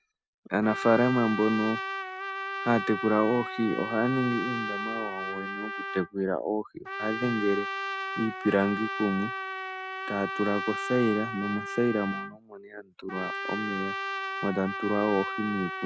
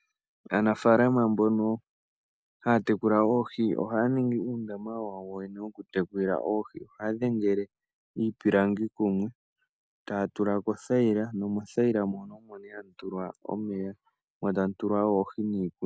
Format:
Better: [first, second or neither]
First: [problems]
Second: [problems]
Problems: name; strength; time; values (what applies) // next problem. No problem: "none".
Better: second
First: background sound (Trumpet); 6 dB below the speech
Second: none